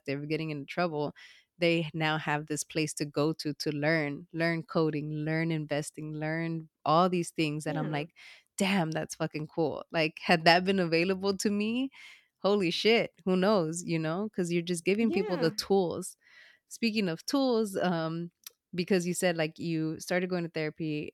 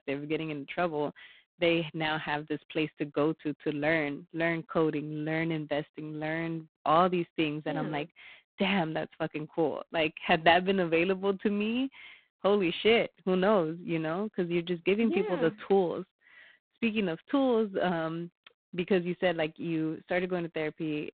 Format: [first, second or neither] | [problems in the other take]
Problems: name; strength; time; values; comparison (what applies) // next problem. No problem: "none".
first | phone-call audio; poor line